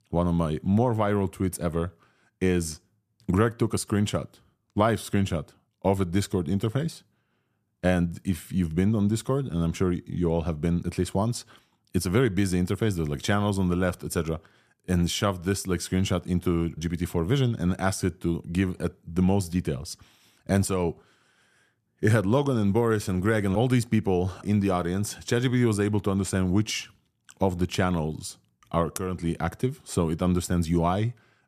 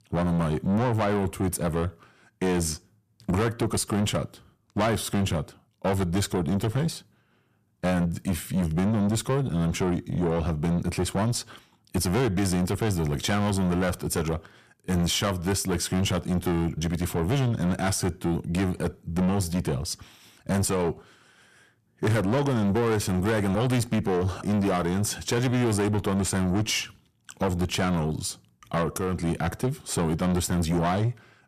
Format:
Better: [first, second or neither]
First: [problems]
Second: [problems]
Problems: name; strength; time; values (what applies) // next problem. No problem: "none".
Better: first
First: none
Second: distortion; heavy; 7 dB below the speech